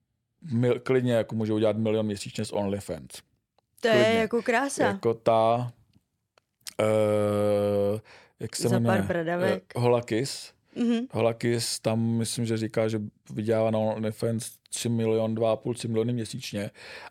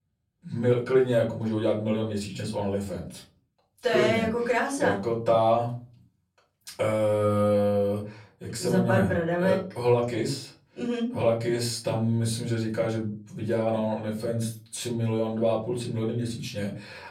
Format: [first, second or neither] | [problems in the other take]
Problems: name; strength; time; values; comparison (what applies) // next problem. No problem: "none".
first | off-mic speech; far // room echo; slight; dies away in 0.3 s